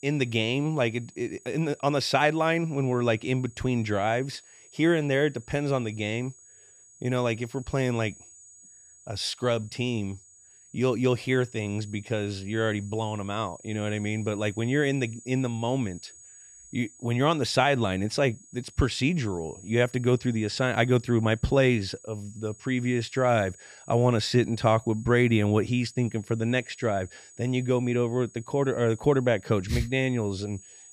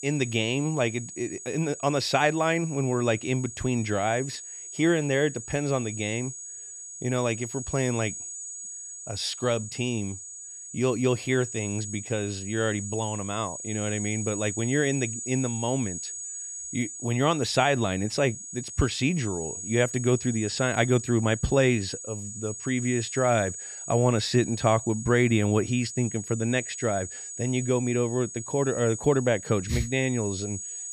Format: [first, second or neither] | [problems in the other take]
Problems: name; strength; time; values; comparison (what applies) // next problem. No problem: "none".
first | high-pitched whine; loud; throughout; 6.5 kHz, 9 dB below the speech; faint in the first